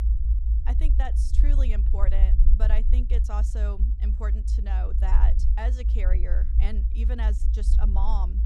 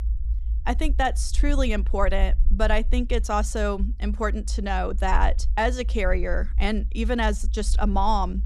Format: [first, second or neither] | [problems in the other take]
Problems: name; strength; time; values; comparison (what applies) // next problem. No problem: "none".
second | low rumble; loud; throughout; 6 dB below the speech; faint in the second